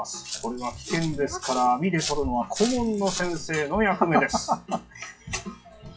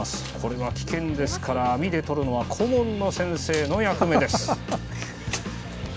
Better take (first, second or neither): second